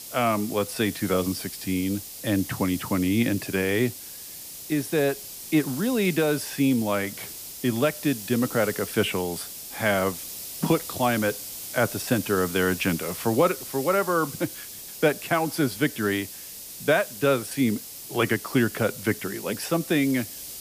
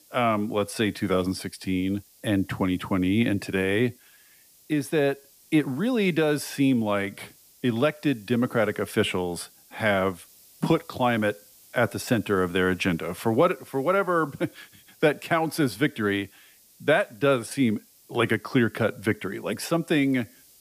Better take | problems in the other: second | hiss; loud; throughout; 10 dB below the speech; faint in the second

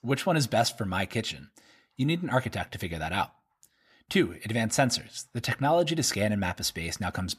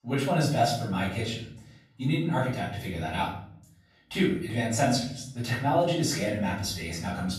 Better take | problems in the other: first | off-mic speech; far // room echo; noticeable; dies away in 0.6 s

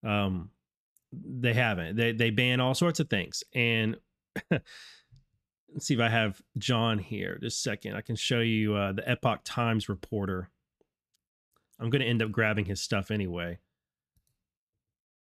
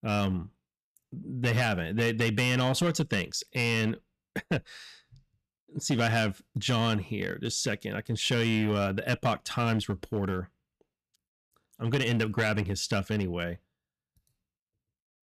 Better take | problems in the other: first | distortion; slight; 5% of the sound clipped

